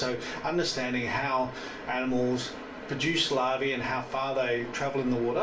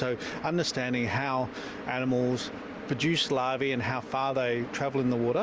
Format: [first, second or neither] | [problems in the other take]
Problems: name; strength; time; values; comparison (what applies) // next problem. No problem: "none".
second | room echo; dies away in 0.3 s